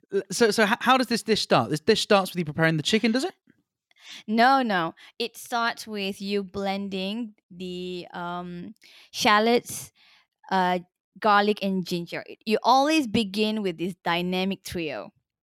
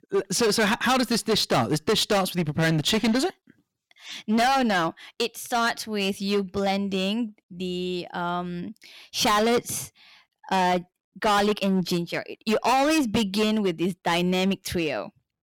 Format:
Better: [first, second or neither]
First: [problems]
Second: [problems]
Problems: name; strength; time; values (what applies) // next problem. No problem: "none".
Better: first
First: none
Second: distortion; heavy; 11% of the sound clipped